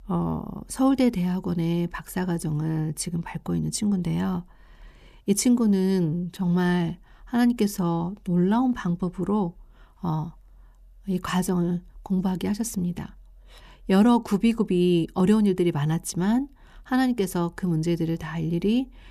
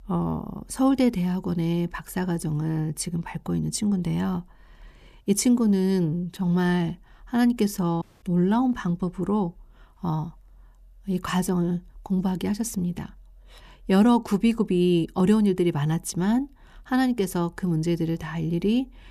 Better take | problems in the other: first | audio cutting out; at 8 s

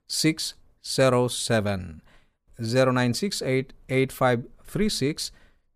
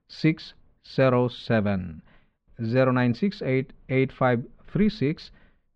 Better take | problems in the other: first | muffled; slightly; fading above 3.5 kHz

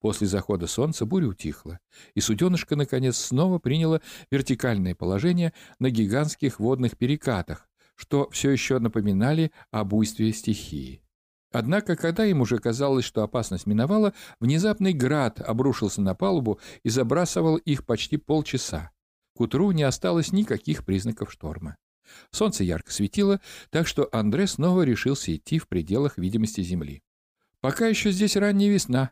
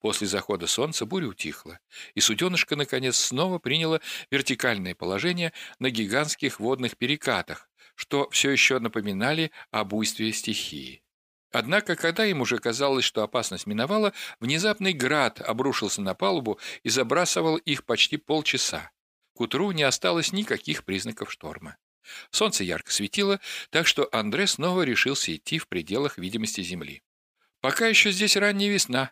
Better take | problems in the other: first | thin; somewhat; fading below 650 Hz

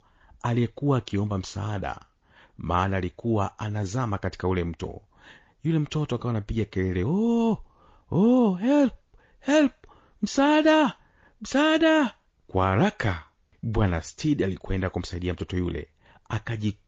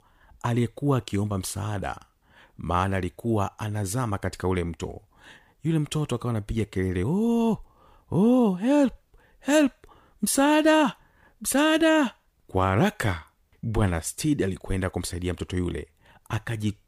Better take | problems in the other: second | garbled, watery; slightly; nothing above 7 kHz

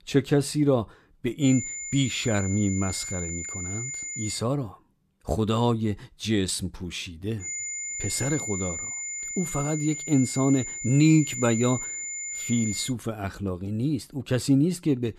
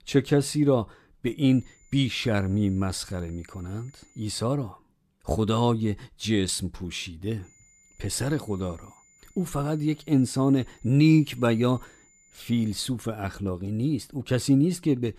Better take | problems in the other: second | high-pitched whine; loud; from 1.5 to 4.5 s and from 7.5 to 13 s; 7 kHz, 5 dB below the speech; faint in the second

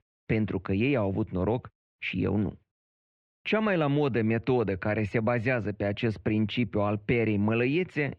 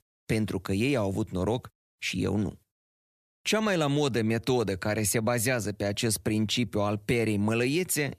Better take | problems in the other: second | muffled; very; fading above 2.5 kHz

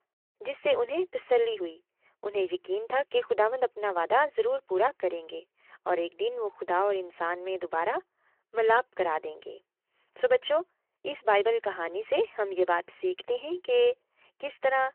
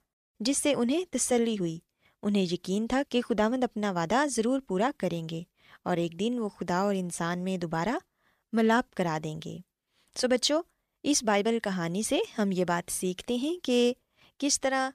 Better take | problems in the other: second | phone-call audio

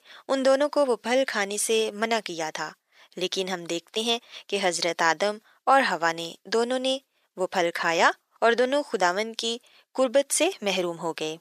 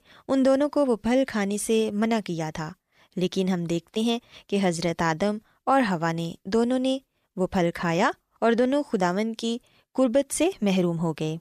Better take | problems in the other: second | thin; somewhat; fading below 450 Hz

